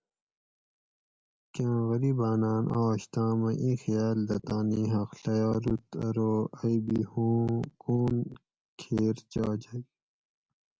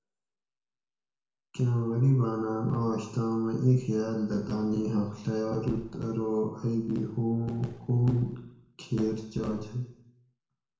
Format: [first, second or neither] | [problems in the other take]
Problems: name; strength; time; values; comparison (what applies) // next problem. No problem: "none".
first | room echo; dies away in 0.7 s